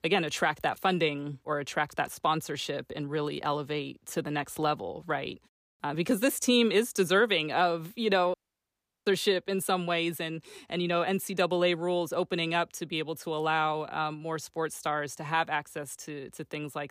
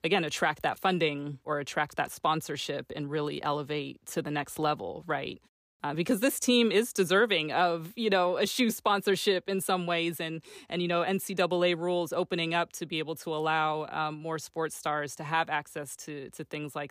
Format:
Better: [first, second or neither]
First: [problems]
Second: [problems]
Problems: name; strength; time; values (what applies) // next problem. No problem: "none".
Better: second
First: audio cutting out; at 8.5 s for 0.5 s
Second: none